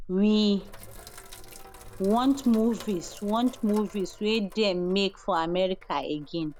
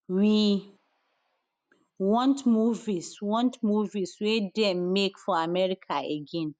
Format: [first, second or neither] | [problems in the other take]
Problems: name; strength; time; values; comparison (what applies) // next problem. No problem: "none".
second | background sound (Sink (filling or washing)); 18 dB below the speech